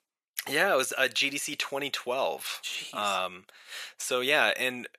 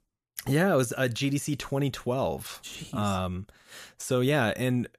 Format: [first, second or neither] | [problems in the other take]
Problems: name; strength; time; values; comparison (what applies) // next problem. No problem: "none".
second | thin; very; fading below 550 Hz